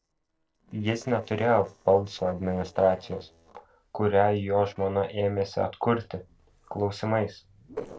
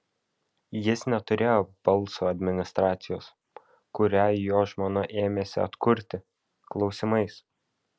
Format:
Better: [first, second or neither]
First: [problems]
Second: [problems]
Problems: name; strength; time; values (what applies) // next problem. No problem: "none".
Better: second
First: noise reduction (neural separator model SepFormer DNS4)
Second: none